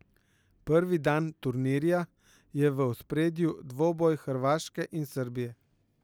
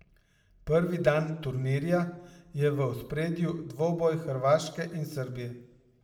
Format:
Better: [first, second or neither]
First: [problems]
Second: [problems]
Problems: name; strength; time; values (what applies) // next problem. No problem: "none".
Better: first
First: none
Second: room echo; dies away in 0.6 s